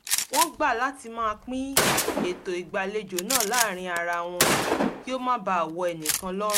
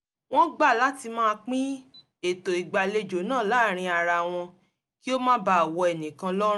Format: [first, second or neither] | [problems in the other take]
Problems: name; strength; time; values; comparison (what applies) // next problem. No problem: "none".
second | background sound (Gunshot, gunfire); as loud as the speech